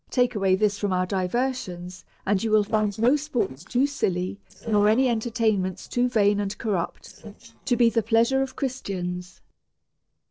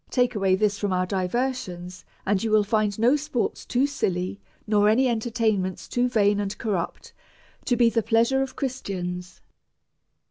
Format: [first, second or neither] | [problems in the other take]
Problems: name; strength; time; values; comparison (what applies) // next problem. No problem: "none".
second | noise reduction (neural separator model SepFormer DNS4)